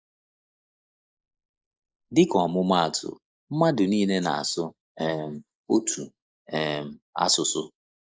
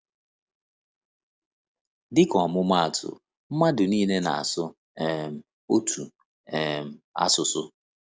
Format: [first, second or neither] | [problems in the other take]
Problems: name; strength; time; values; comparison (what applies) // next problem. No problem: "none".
second | noise reduction (neural mask model Resemble Enhance denoiser)